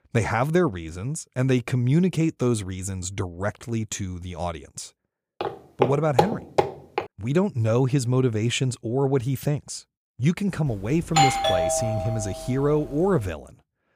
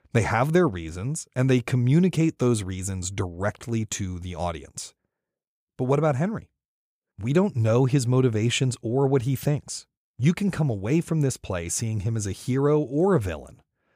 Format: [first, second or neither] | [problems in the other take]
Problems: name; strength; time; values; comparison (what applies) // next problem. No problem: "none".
second | footsteps; loud; from 5.5 to 7 s; peak 1 dB above the speech // doorbell; loud; from 11 to 12 s; peak 5 dB above the speech